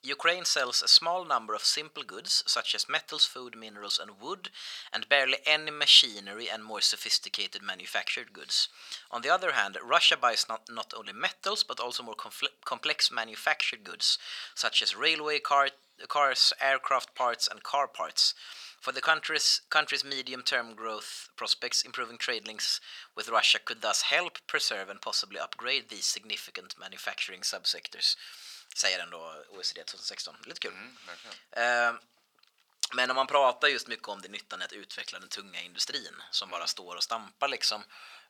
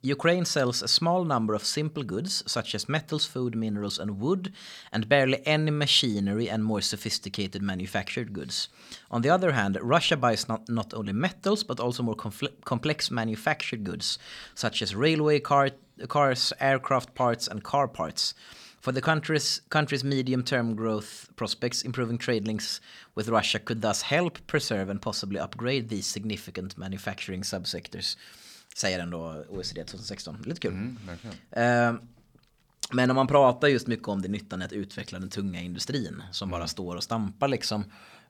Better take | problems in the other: second | thin; very; fading below 750 Hz

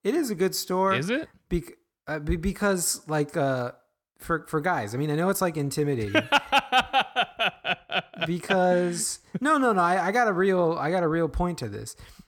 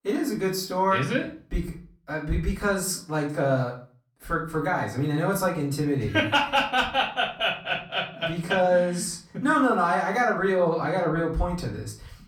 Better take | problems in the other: first | off-mic speech; far // room echo; slight; dies away in 0.4 s

